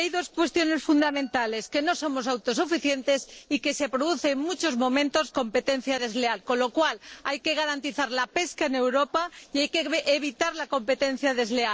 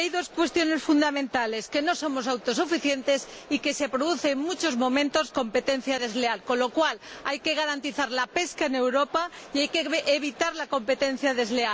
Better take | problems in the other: second | noise reduction (neural separator model SepFormer DNS4)

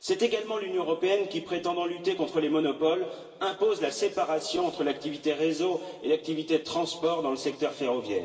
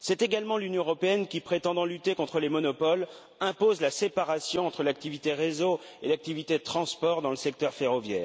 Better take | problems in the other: second | room echo; dies away in 2.1 s

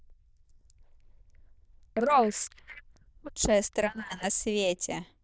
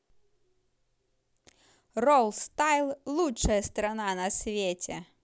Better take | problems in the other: second | noise reduction (neural diffusion model UNIVERSE++)

